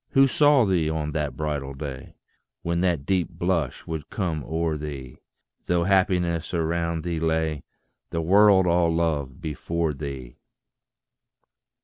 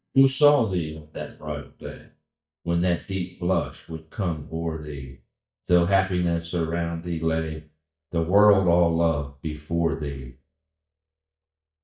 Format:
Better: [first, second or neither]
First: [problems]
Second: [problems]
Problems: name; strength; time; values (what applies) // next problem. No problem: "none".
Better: first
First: none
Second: noise reduction (neural mask model DeepFilterNet 3)